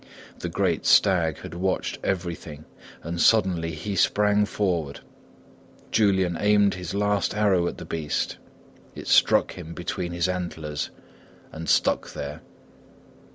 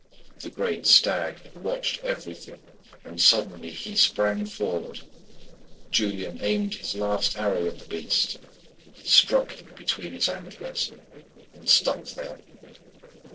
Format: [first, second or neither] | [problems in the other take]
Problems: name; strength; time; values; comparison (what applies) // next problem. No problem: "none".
first | noise reduction (neural separator model SepFormer DNS4)